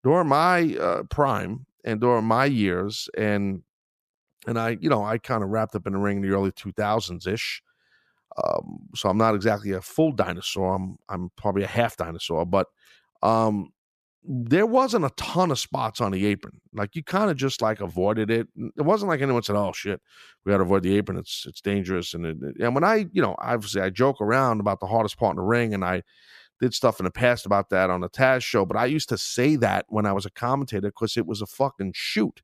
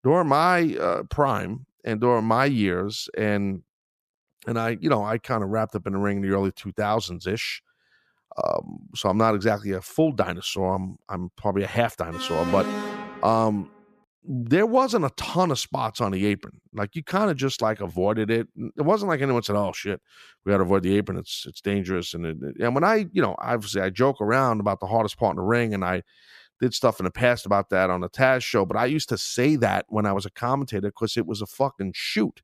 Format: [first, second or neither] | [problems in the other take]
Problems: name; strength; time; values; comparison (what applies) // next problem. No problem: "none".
first | alarm; noticeable; from 12 to 13 s; peak 4 dB below the speech